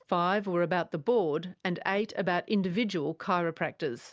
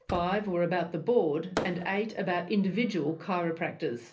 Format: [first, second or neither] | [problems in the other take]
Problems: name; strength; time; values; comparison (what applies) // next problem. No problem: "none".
first | background sound (Fireworks); 14 dB below the speech // room echo; dies away in 0.3 s